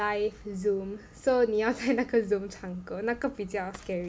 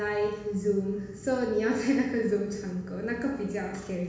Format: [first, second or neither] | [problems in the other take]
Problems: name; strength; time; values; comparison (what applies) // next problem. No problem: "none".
first | room echo; dies away in 1.1 s